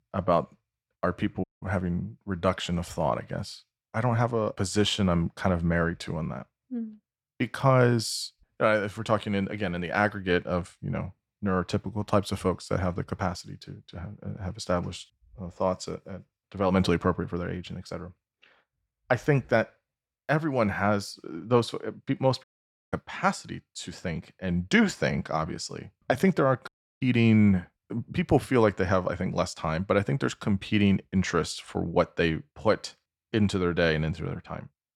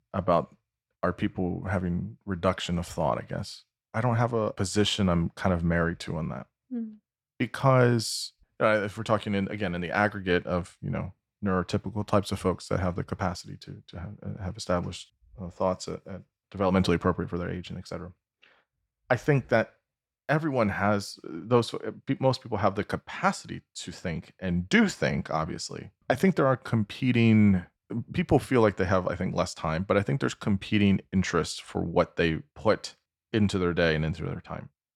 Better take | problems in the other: second | audio cutting out; at 1.5 s, at 22 s and at 27 s

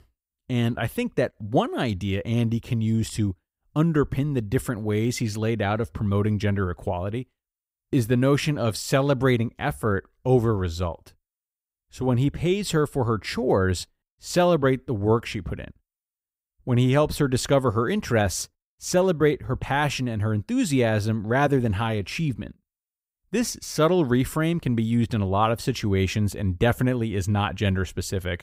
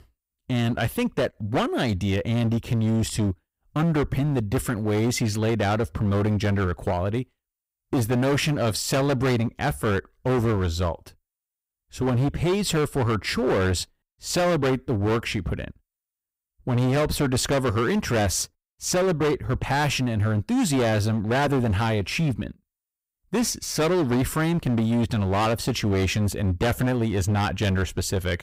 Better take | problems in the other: first | distortion; heavy; 19% of the sound clipped

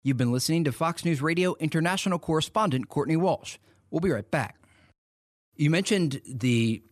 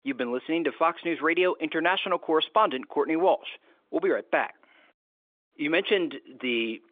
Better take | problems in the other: first | phone-call audio; nothing above 3.5 kHz

